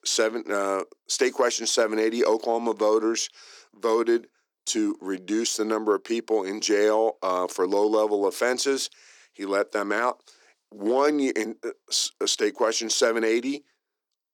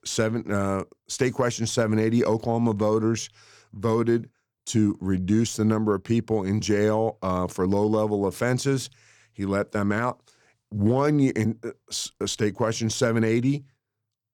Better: second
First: thin; somewhat; fading below 300 Hz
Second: none

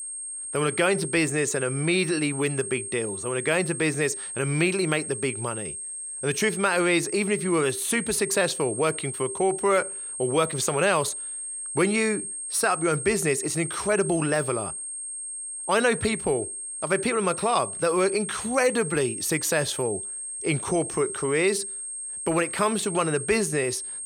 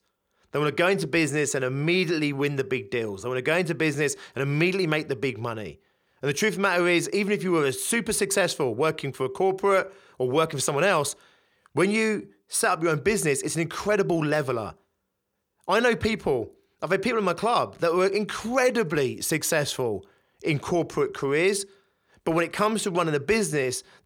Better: second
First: high-pitched whine; loud; throughout; 8.5 kHz, 6 dB below the speech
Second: none

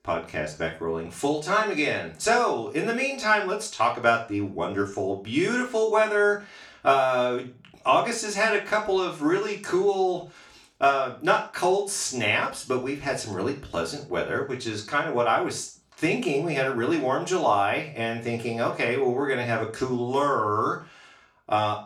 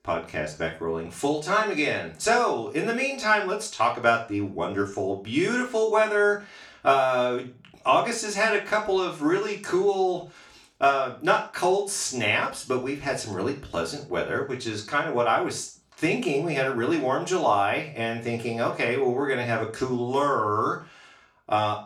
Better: neither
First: room echo; slight; dies away in 0.4 s // off-mic speech; far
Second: room echo; slight; dies away in 0.4 s // off-mic speech; far

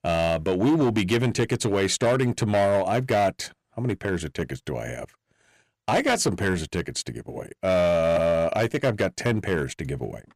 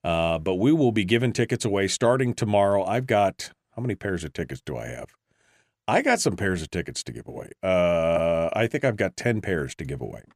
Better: second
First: distortion; slight; 7% of the sound clipped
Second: none

